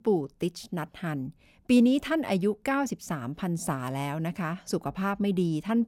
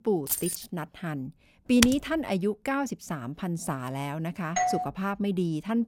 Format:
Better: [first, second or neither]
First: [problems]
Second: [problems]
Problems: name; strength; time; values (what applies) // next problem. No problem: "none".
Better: first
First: none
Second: jangling keys; loud; at 0.5 s; peak 1 dB above the speech // keyboard typing; loud; at 2 s; peak 3 dB above the speech // doorbell; loud; at 4.5 s; peak 2 dB above the speech